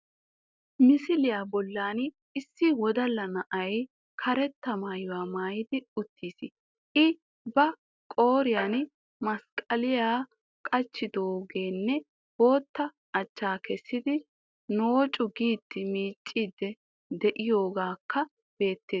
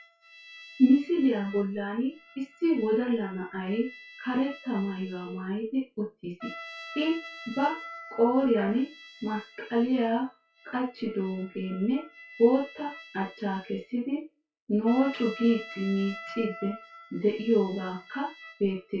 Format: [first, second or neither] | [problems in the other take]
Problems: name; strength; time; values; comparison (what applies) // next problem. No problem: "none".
first | noise reduction (classical method WPE with log-MMSE)